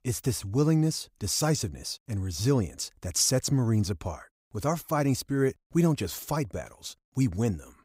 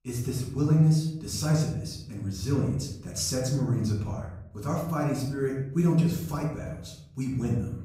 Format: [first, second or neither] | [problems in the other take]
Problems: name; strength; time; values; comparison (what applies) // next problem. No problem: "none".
first | off-mic speech; far // room echo; noticeable; dies away in 0.9 s